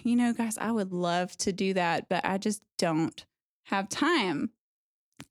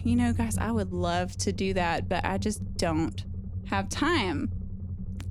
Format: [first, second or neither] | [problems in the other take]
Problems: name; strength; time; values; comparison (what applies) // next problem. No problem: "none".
first | low rumble; noticeable; throughout; 20 dB below the speech